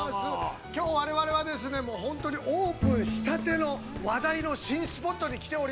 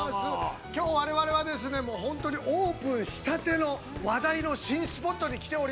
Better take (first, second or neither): second